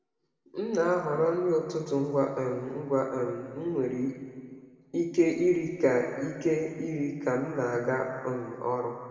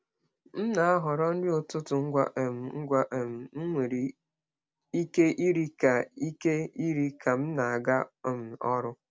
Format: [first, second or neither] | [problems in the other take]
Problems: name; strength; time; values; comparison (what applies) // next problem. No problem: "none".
second | room echo; dies away in 1.9 s